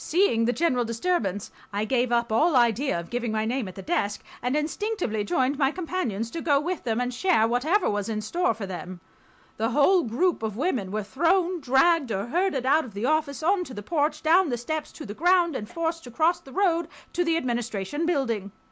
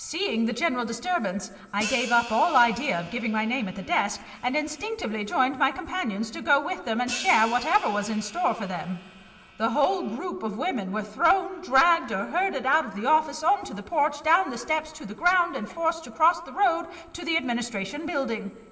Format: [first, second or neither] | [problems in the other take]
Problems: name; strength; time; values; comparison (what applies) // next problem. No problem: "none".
first | background sound (Hi-hat); 14 dB below the speech // room echo; dies away in 2.4 s